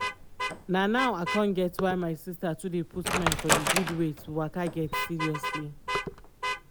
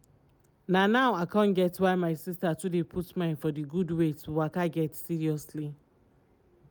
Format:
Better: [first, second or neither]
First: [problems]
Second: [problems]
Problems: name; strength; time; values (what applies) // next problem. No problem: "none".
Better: second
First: background sound (Vehicle horn, car horn, honking + Wood); 2 dB below the speech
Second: none